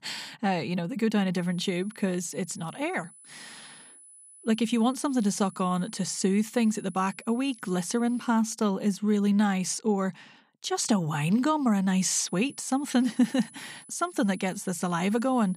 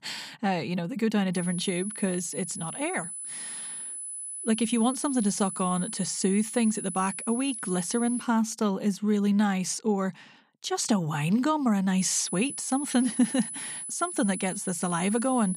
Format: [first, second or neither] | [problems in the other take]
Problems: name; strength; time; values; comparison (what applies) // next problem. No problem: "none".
first | high-pitched whine; loud; from 1.5 to 8 s and from 12 s on; 10 kHz, 7 dB below the speech; faint in the first